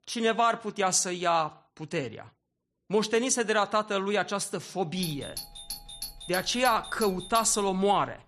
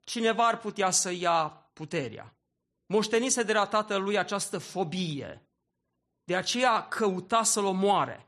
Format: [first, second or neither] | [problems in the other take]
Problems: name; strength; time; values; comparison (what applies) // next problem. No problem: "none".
second | doorbell; noticeable; from 5 s on; peak 9 dB below the speech